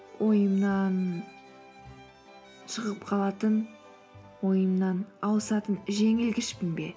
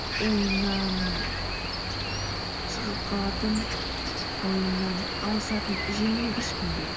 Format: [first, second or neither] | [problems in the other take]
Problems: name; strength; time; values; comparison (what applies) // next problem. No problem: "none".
first | background sound (Cricket); as loud as the speech